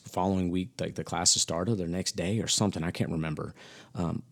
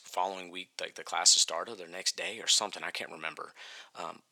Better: first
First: none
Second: thin; very; fading below 800 Hz

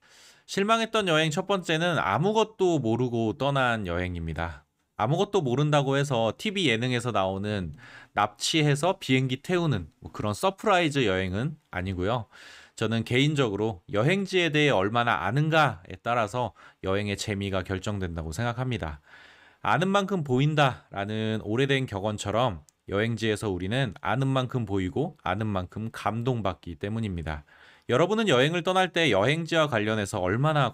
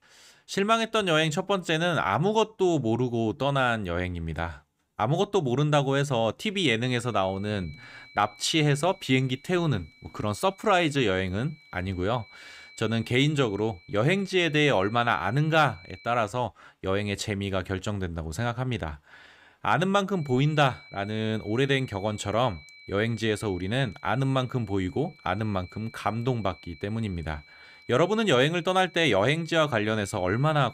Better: first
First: none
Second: high-pitched whine; faint; from 7 to 16 s and from 20 s on; 2.5 kHz, 25 dB below the speech

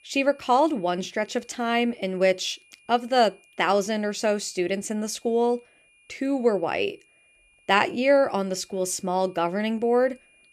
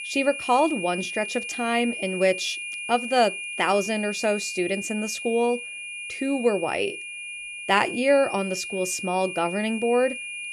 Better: first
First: high-pitched whine; faint; throughout; 2.5 kHz, 30 dB below the speech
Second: high-pitched whine; loud; throughout; 2.5 kHz, 7 dB below the speech

